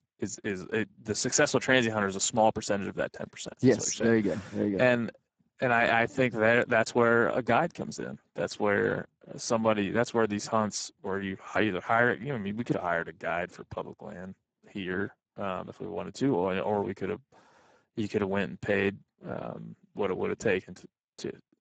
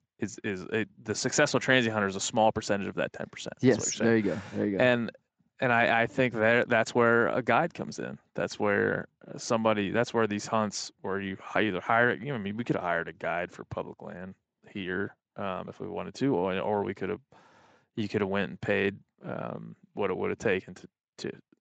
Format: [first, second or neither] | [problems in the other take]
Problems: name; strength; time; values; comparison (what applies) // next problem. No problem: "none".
second | garbled, watery; badly; nothing above 7.5 kHz; slightly in the second